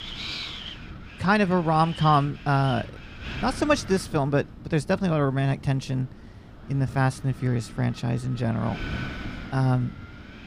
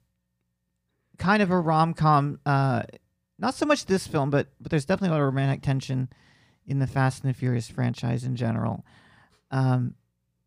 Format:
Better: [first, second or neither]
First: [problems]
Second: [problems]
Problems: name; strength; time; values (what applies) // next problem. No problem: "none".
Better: second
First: wind noise on the microphone; occasional gusts; 10 dB below the speech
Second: none